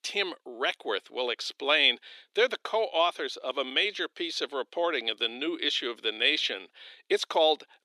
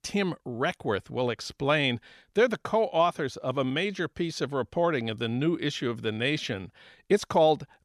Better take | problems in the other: second | thin; somewhat; fading below 300 Hz

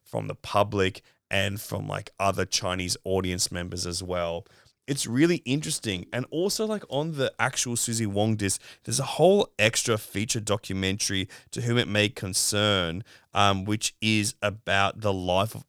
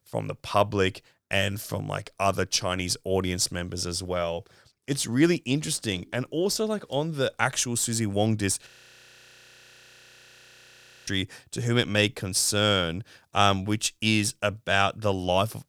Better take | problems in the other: first | audio freezing; at 8.5 s for 2.5 s

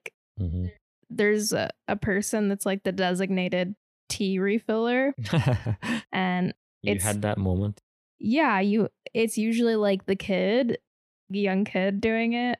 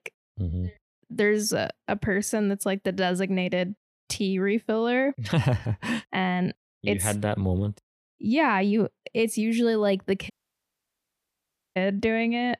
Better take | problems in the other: first | audio cutting out; at 10 s for 1.5 s

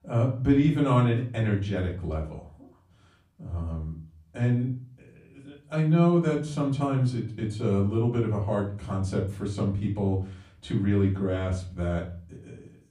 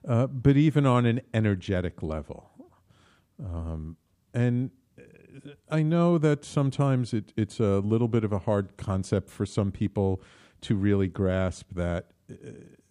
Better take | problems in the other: second | off-mic speech; far // room echo; slight; dies away in 0.4 s

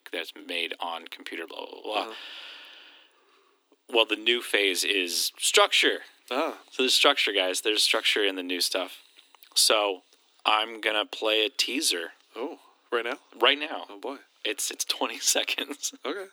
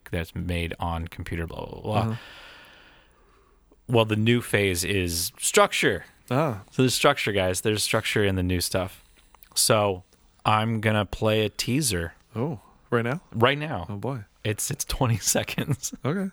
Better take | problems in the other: second | thin; somewhat; fading below 300 Hz

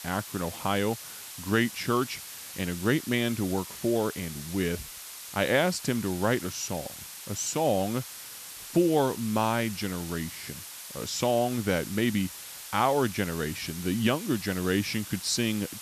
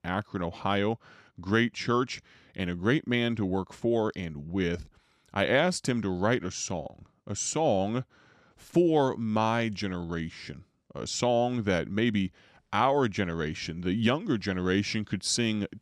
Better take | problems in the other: second | hiss; noticeable; throughout; 10 dB below the speech

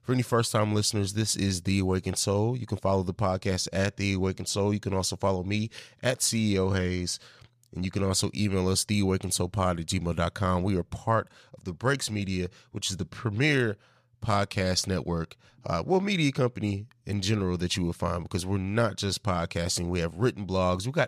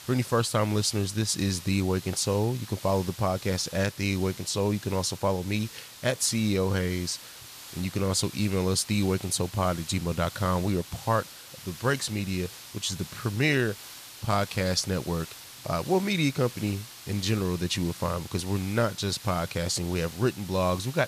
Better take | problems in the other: first | hiss; noticeable; throughout; 15 dB below the speech

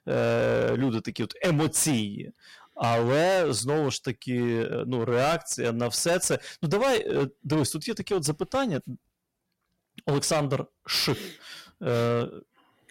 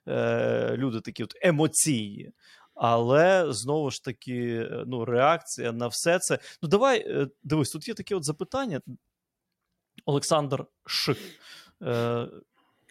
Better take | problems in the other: second | distortion; heavy; 15% of the sound clipped

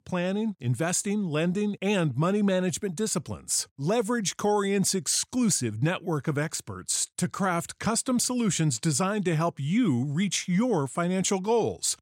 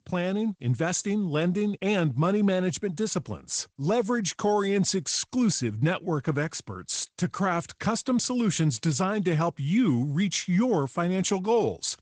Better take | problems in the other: first | garbled, watery; slightly; nothing above 8 kHz

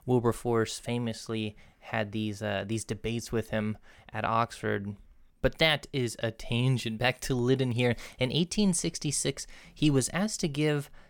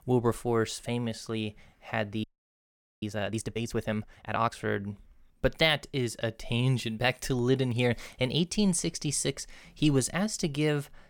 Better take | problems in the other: first | audio freezing; at 2 s for 1 s

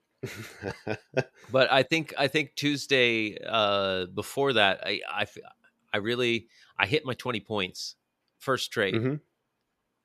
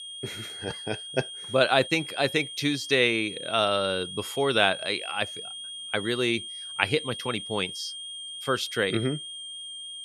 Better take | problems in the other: first | high-pitched whine; loud; throughout; 3 kHz, 9 dB below the speech

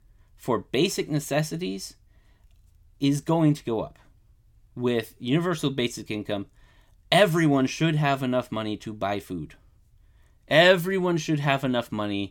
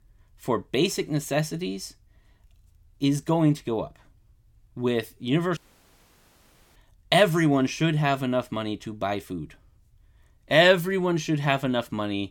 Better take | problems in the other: first | audio cutting out; at 5.5 s for 1 s

